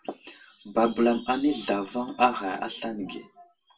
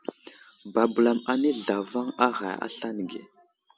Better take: second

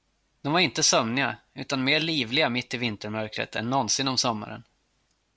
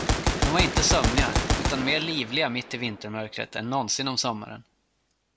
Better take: first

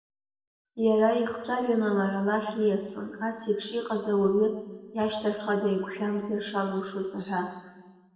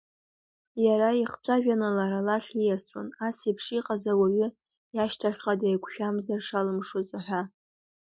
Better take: second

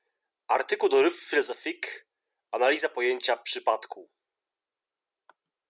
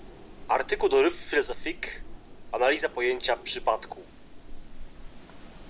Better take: first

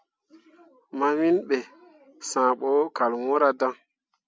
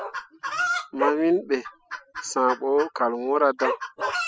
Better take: first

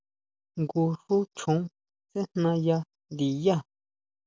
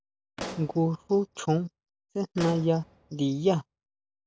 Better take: first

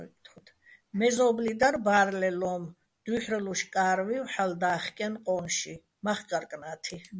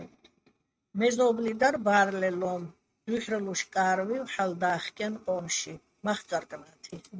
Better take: first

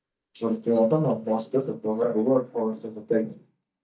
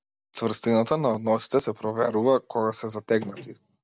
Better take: second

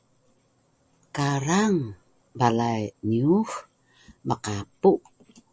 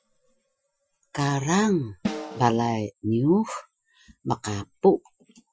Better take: first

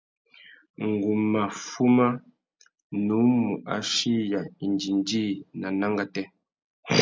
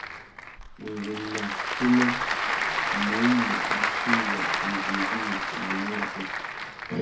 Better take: first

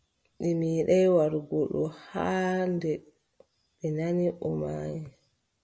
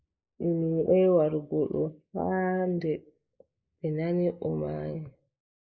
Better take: first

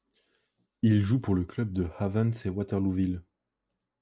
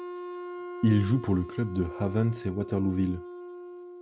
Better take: first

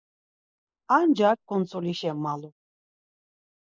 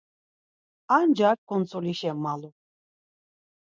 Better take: second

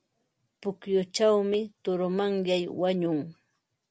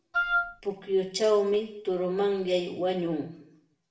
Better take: first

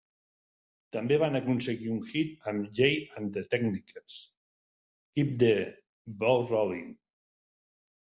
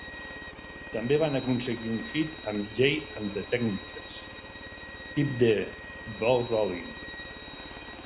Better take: first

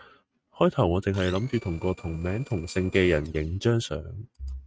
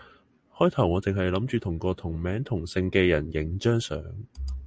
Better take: second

